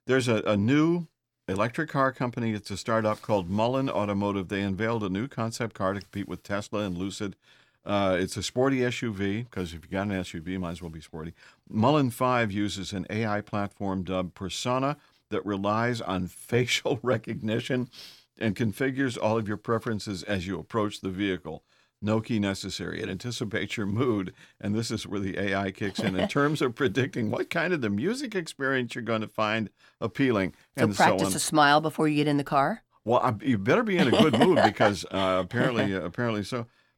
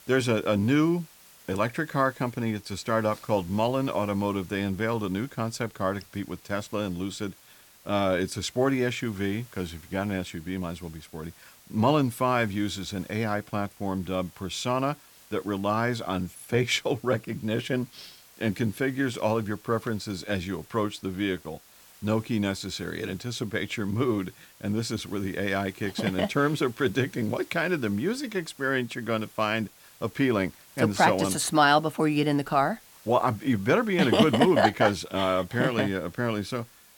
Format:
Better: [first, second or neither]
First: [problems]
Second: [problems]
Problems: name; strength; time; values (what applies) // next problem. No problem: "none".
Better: first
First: none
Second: hiss; faint; throughout; 25 dB below the speech